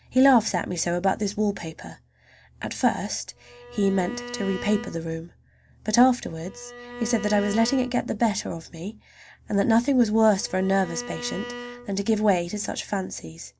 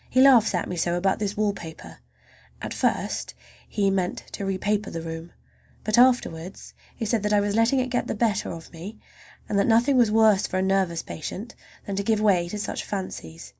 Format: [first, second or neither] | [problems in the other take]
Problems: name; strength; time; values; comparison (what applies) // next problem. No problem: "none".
second | background sound (Bowed string instrument); 14 dB below the speech